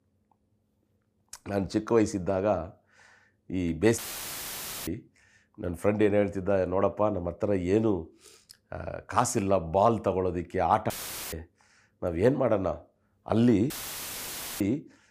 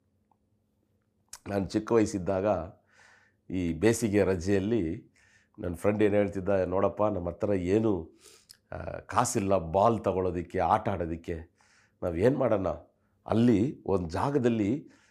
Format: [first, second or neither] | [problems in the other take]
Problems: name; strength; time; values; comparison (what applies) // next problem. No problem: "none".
second | audio cutting out; filled with static; at 4 s for 1 s, at 11 s and at 14 s for 1 s